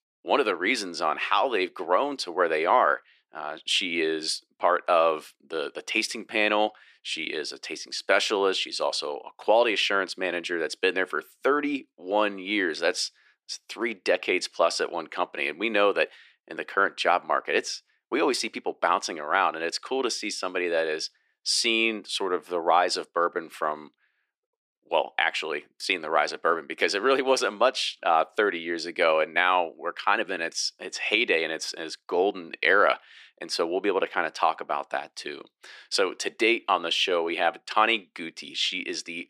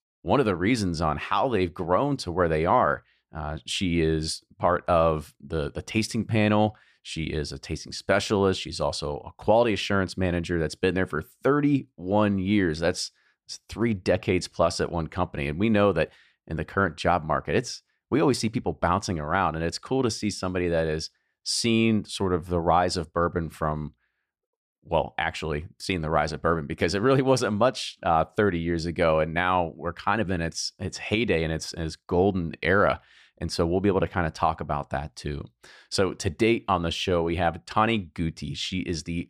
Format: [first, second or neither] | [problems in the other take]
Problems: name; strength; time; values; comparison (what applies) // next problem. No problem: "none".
second | thin; somewhat; fading below 300 Hz